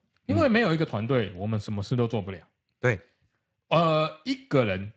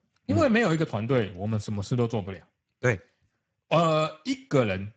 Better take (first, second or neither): first